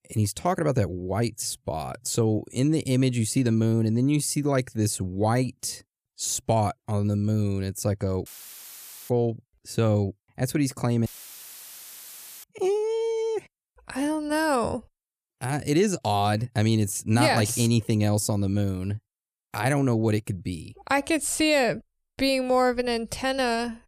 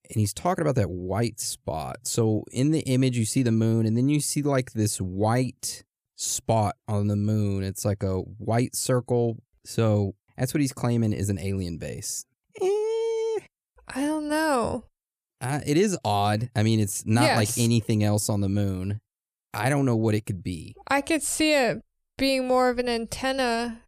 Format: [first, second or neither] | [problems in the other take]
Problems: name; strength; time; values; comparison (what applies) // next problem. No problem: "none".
second | audio cutting out; filled with static; at 8.5 s for 1 s and at 11 s for 1.5 s